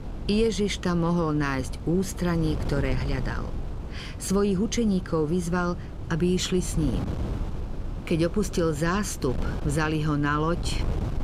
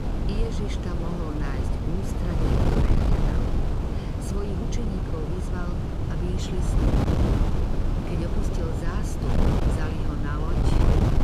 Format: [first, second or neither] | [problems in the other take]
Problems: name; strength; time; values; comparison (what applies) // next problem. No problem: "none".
first | wind noise on the microphone; heavy; 5 dB above the speech; occasional gusts in the first